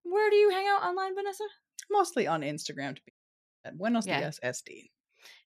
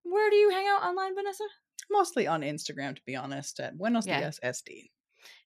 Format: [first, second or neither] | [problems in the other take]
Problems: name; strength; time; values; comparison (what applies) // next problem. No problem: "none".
second | audio cutting out; at 3 s for 0.5 s